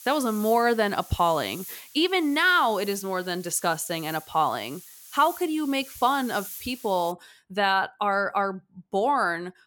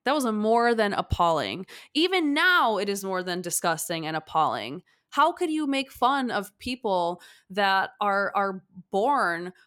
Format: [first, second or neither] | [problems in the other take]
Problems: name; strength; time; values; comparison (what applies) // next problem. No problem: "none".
second | hiss; noticeable; until 7 s; 15 dB below the speech